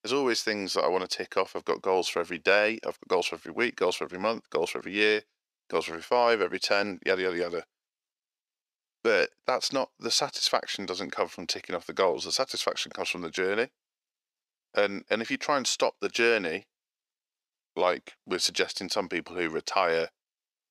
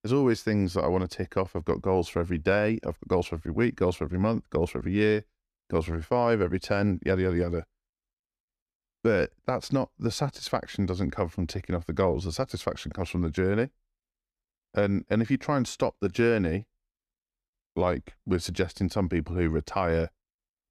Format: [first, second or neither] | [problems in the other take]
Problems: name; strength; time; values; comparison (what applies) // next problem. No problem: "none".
second | thin; somewhat; fading below 500 Hz